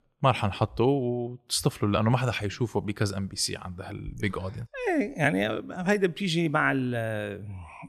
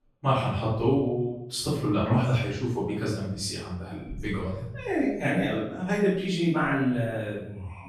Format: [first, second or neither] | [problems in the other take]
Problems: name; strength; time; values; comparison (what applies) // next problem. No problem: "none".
first | off-mic speech; far // room echo; noticeable; dies away in 0.7 s